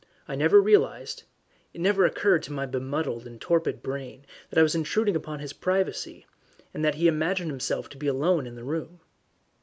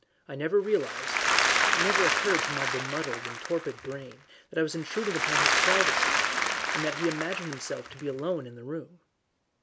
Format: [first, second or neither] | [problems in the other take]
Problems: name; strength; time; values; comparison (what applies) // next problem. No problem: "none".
first | background sound (Applause / Crowd); 4 dB above the speech